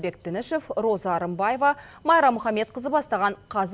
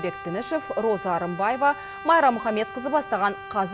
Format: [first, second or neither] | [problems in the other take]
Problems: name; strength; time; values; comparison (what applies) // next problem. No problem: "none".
first | background sound (Brass instrument); 13 dB below the speech